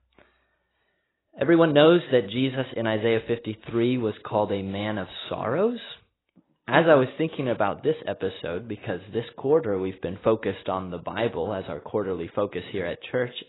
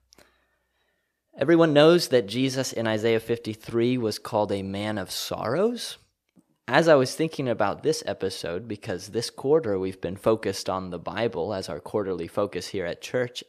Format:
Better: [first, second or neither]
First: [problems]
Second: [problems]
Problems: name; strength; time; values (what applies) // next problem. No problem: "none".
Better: second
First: garbled, watery; badly; nothing above 4 kHz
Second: none